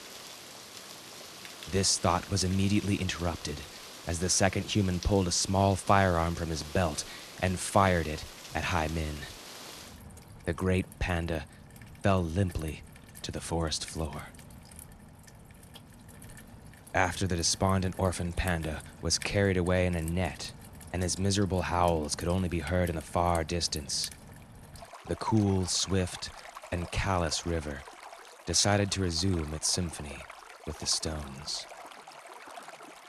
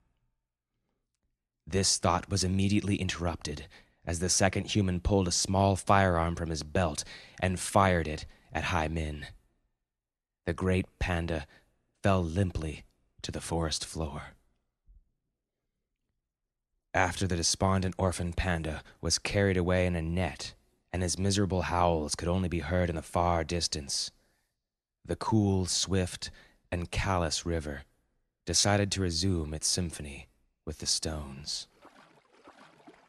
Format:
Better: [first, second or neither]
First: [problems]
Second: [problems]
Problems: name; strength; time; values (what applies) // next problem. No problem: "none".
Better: second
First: rain or running water; noticeable; throughout; 15 dB below the speech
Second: none